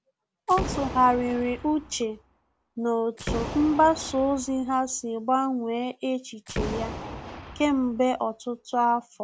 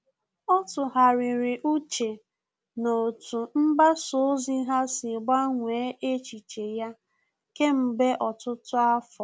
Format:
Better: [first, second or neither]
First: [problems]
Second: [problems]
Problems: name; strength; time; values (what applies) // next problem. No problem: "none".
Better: second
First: background sound (Boom); 10 dB below the speech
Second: none